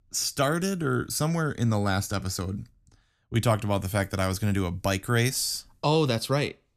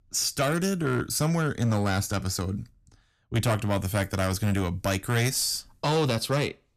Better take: first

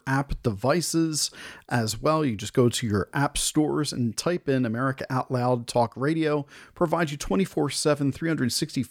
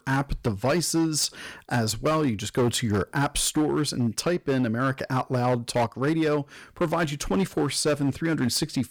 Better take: first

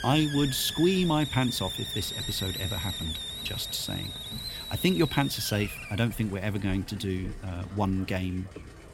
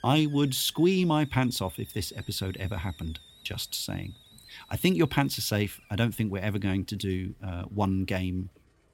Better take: second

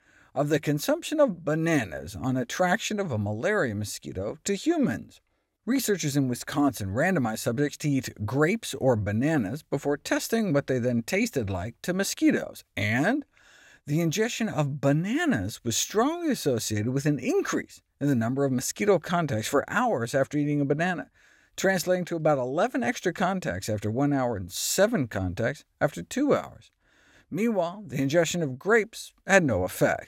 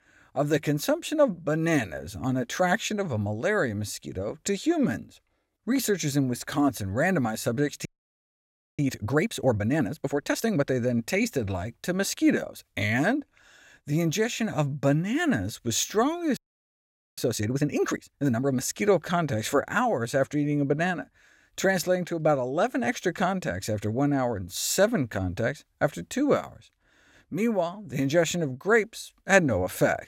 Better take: first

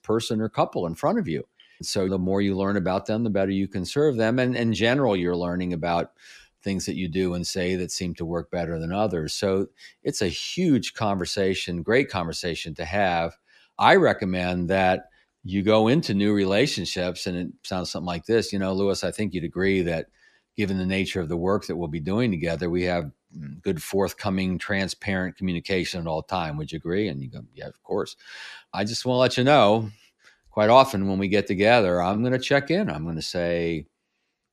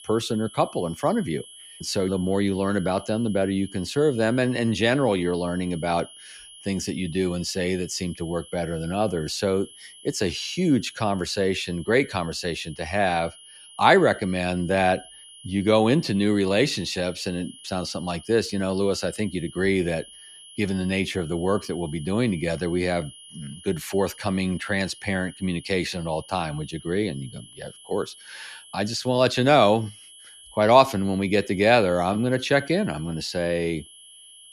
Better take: first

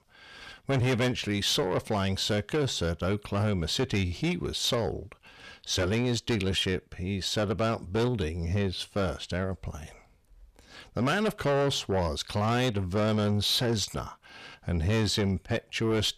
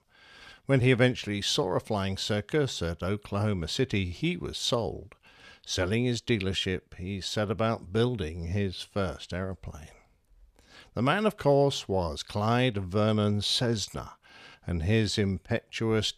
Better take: second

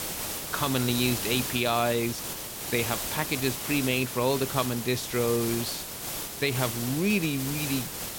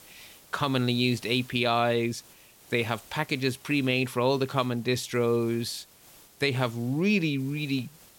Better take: second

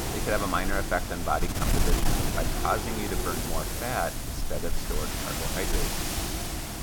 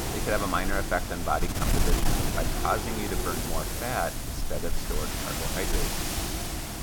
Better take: neither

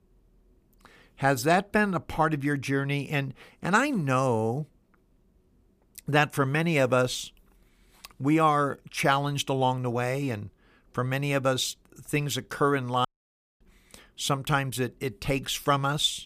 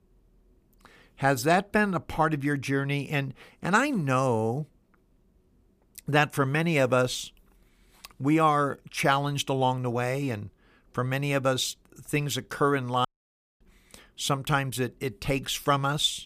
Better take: neither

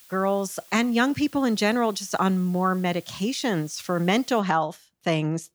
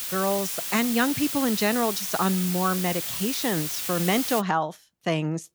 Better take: first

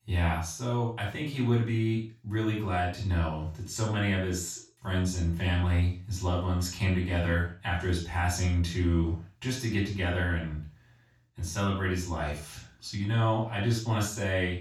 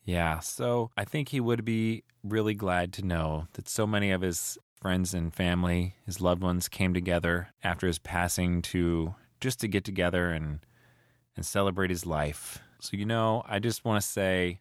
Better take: second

